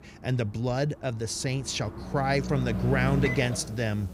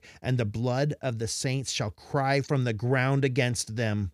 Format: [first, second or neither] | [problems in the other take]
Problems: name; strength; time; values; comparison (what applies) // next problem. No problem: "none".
second | household noises; loud; throughout; 5 dB below the speech